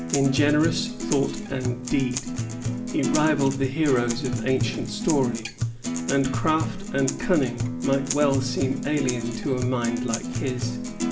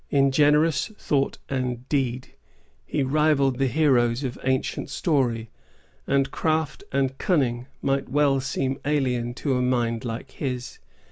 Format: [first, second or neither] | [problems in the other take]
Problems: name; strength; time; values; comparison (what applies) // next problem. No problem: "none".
second | background sound (Acoustic guitar); 4 dB below the speech // room echo; dies away in 0.8 s